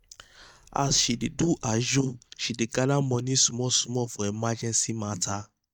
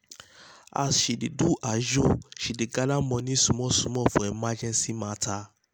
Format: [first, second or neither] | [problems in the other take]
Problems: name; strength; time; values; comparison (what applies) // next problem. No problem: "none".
second | noise reduction (neural mask model DeepFilterNet 3)